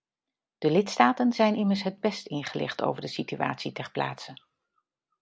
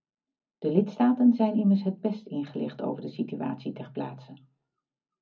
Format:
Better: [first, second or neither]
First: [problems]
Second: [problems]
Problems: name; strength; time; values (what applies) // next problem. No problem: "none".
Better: first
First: none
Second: room echo; dies away in 0.4 s